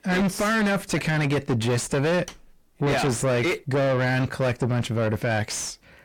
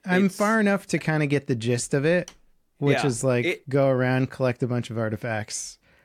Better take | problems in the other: second | distortion; heavy; 5 dB below the speech

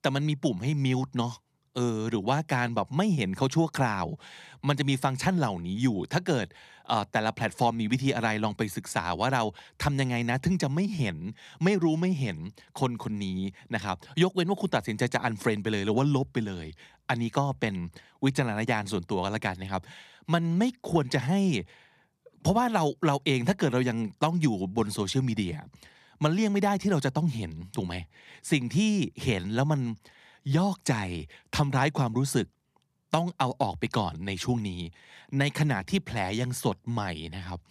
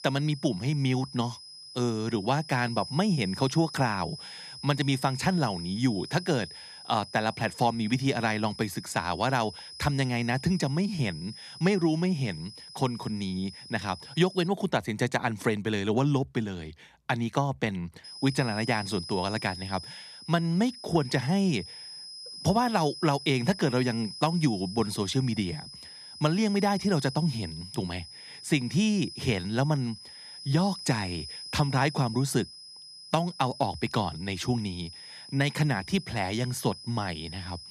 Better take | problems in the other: first | high-pitched whine; noticeable; until 14 s and from 18 s on; 5 kHz, 15 dB below the speech

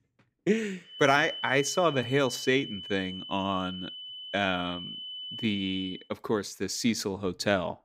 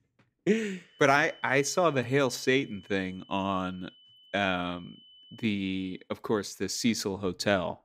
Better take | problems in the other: second | high-pitched whine; loud; from 1 to 6 s; 3 kHz, 9 dB below the speech; faint in the second

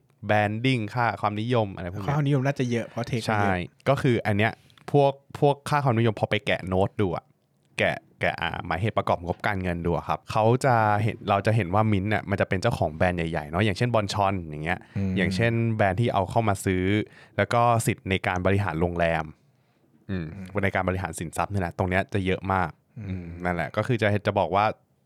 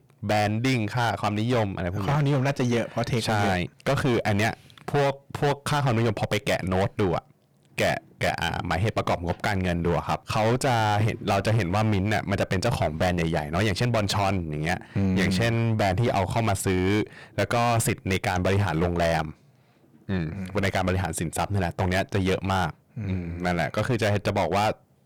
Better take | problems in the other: first | distortion; heavy; 19% of the sound clipped

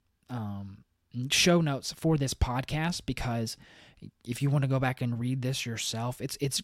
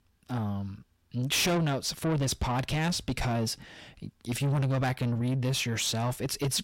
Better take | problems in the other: first | distortion; heavy; 7 dB below the speech

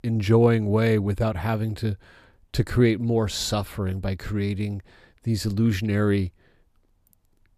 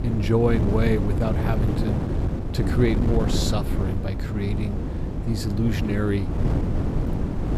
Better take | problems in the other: first | wind noise on the microphone; heavy; 4 dB below the speech

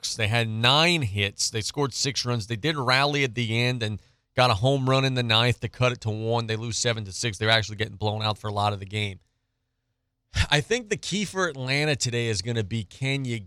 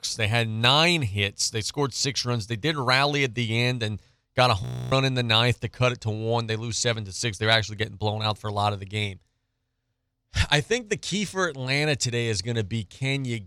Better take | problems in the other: first | audio freezing; at 4.5 s

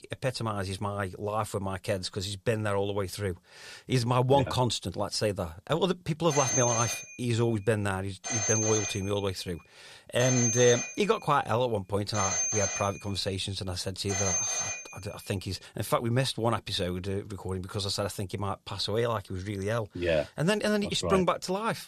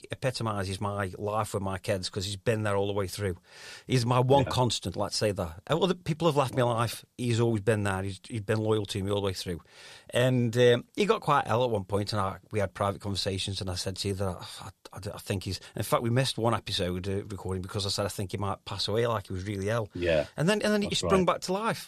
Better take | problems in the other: second | phone ringing; loud; from 6.5 to 15 s; peak 3 dB above the speech

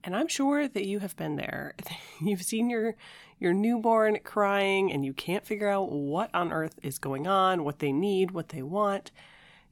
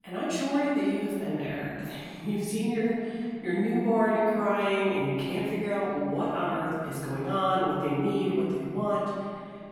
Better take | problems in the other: first | room echo; strong; dies away in 2.2 s // off-mic speech; far

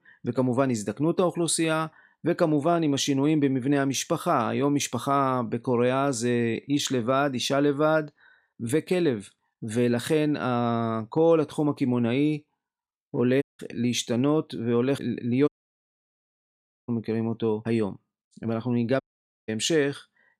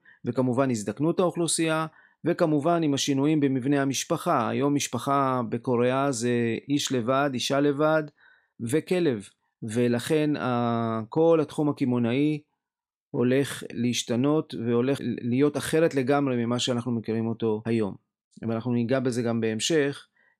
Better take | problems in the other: second | audio cutting out; at 13 s, at 15 s for 1.5 s and at 19 s

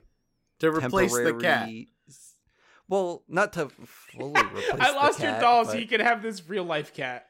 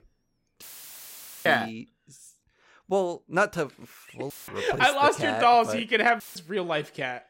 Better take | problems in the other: first | audio cutting out; filled with static; at 0.5 s for 1 s, at 4.5 s and at 6 s

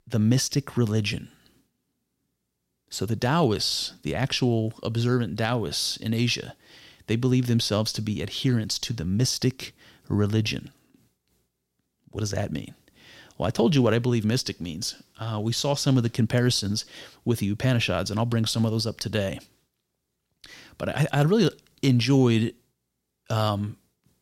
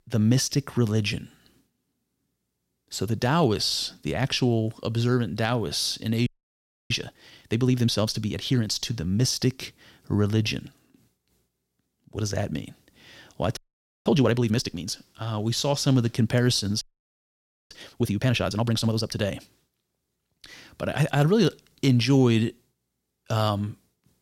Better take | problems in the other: first | audio freezing; at 6.5 s for 0.5 s, at 14 s and at 17 s for 1 s

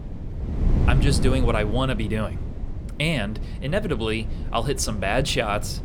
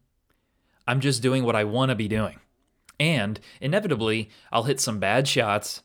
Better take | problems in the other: second | wind noise on the microphone; occasional gusts; 15 dB below the speech

